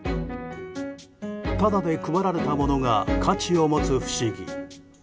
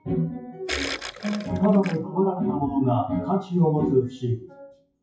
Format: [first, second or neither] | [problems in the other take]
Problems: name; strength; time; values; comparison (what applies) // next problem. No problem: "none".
first | noise reduction (classical method WPE with log-MMSE)